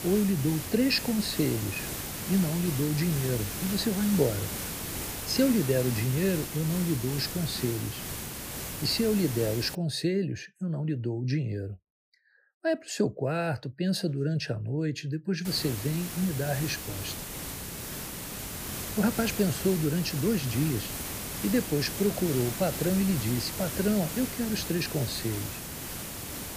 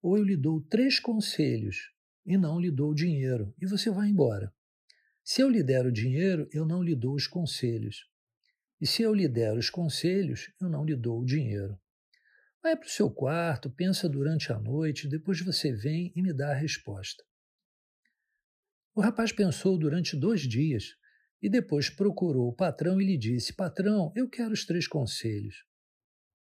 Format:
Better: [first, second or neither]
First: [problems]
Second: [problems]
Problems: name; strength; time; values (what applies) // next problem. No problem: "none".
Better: second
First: hiss; loud; until 10 s and from 15 s on; 6 dB below the speech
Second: none